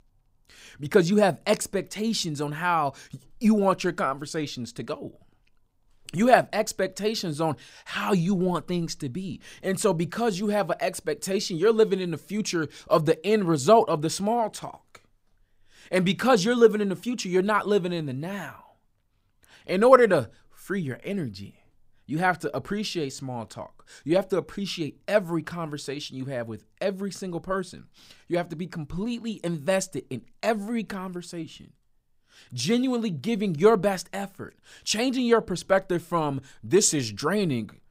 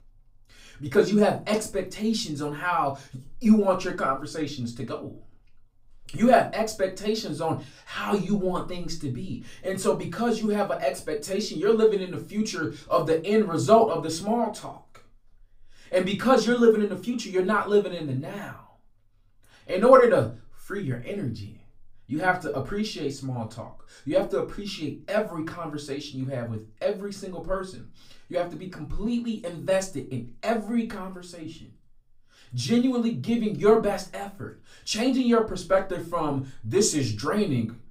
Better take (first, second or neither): first